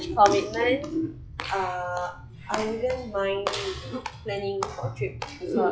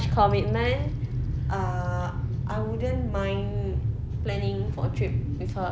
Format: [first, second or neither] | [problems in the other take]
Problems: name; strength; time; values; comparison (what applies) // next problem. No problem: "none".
second | noise reduction (classical method log-MMSE)